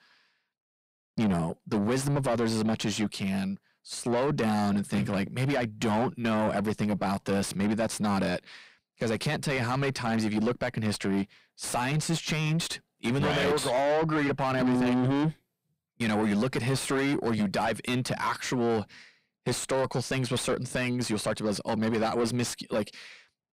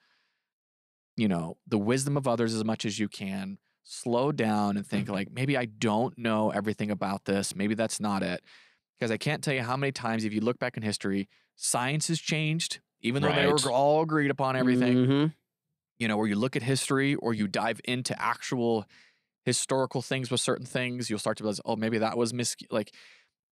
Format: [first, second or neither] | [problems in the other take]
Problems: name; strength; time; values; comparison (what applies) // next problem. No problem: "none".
second | distortion; heavy; 7 dB below the speech